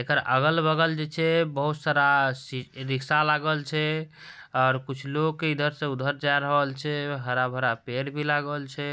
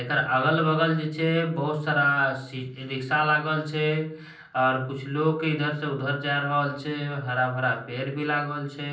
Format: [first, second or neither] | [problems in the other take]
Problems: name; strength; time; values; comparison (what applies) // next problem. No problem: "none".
first | room echo; dies away in 0.6 s